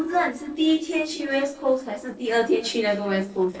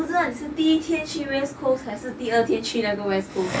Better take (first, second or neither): second